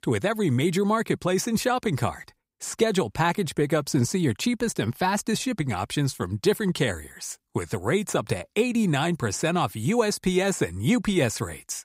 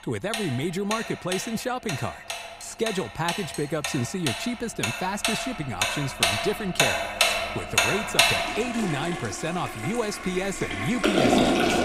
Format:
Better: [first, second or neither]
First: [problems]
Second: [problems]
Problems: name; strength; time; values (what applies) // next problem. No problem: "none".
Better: first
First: none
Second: household noises; very loud; throughout; 4 dB above the speech